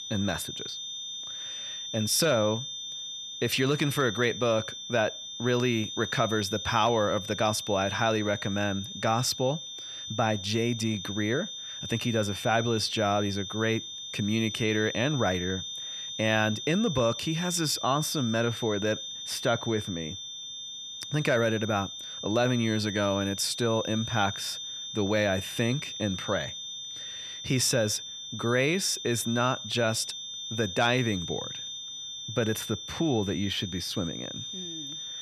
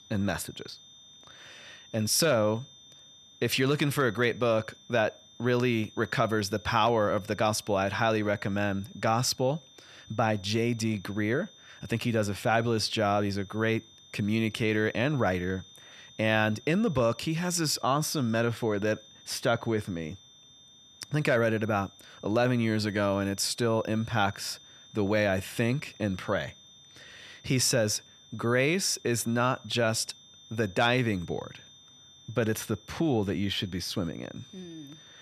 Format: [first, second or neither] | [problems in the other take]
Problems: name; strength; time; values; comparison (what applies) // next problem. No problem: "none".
second | high-pitched whine; loud; throughout; 3.5 kHz, 7 dB below the speech; faint in the second